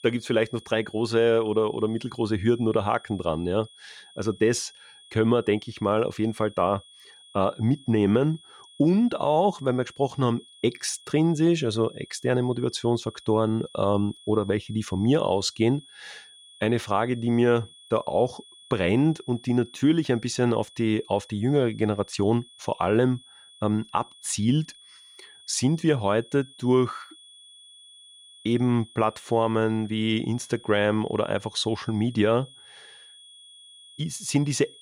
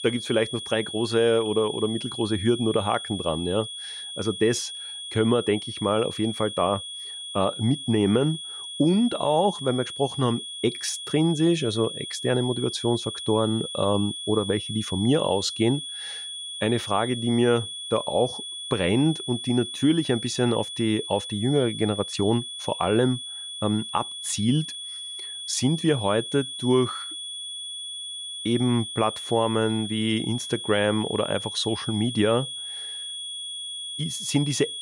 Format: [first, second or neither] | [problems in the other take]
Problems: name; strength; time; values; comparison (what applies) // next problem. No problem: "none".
first | high-pitched whine; loud; throughout; 3.5 kHz, 7 dB below the speech; faint in the first